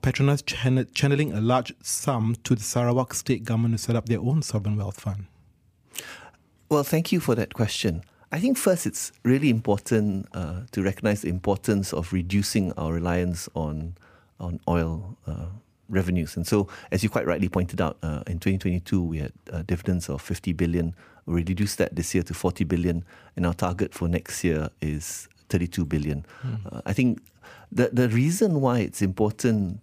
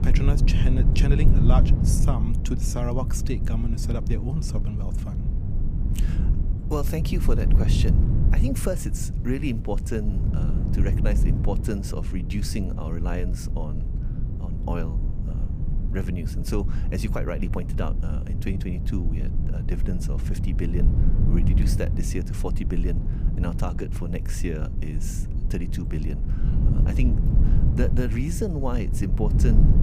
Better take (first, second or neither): first